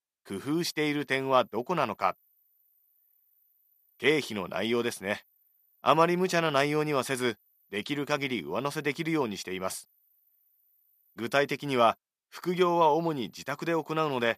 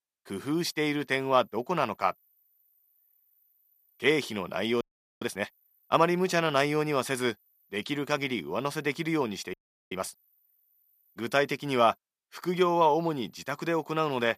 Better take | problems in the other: first | audio freezing; at 5 s and at 9.5 s

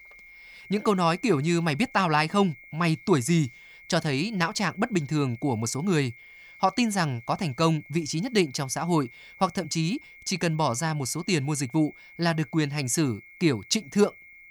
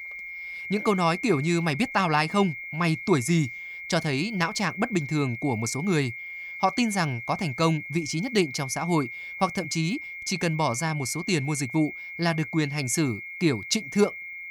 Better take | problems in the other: first | high-pitched whine; loud; throughout; 2 kHz, 9 dB below the speech; faint in the first

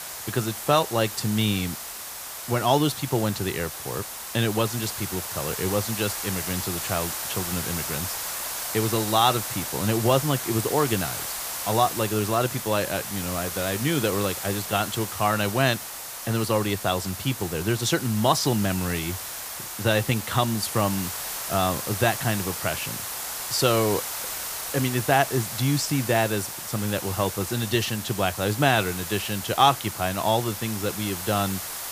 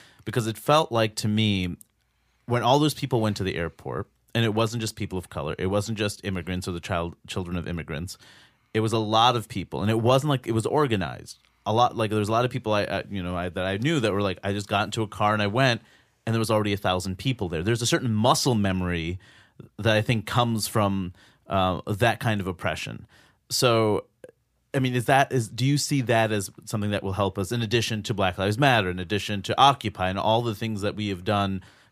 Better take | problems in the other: second | hiss; loud; throughout; 5 dB below the speech

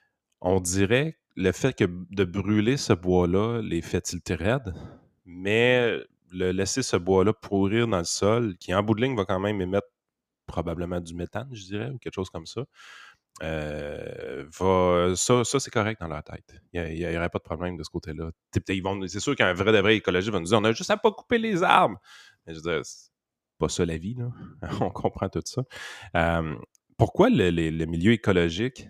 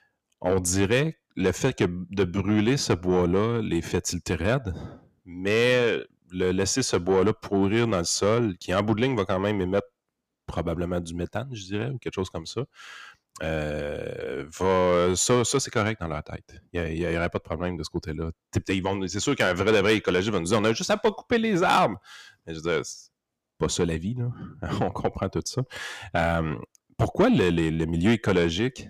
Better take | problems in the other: first | distortion; slight; 10 dB below the speech

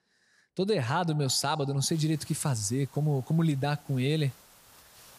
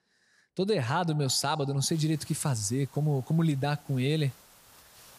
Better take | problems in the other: neither | hiss; faint; from 2 s on; 25 dB below the speech; the same in both

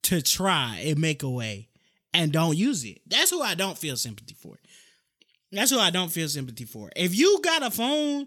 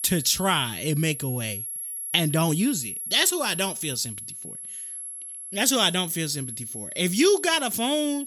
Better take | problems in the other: first | high-pitched whine; loud; throughout; 11 kHz, 8 dB below the speech

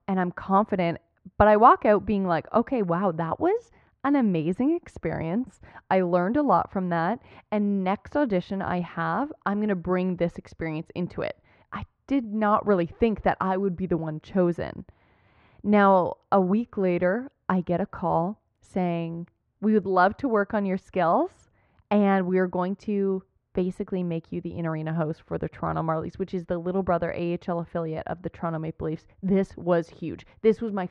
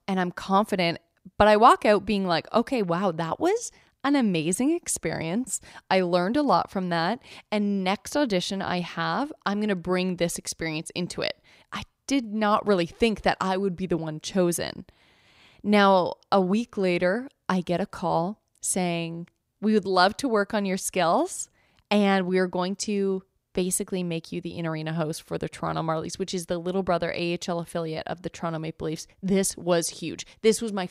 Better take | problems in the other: second | muffled; very; fading above 1.5 kHz

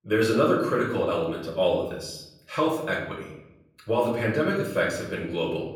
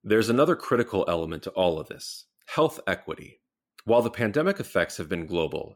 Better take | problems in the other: second | off-mic speech; far // room echo; noticeable; dies away in 0.8 s

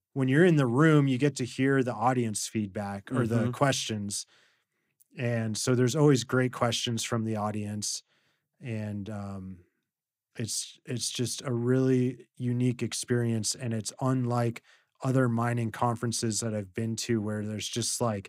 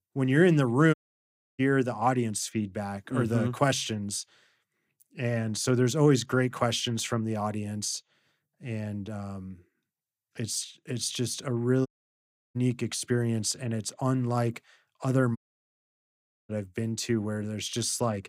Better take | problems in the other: first | audio cutting out; at 1 s for 0.5 s, at 12 s for 0.5 s and at 15 s for 1 s

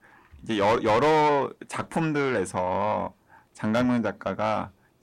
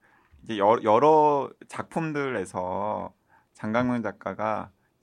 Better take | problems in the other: second | distortion; heavy; 7 dB below the speech

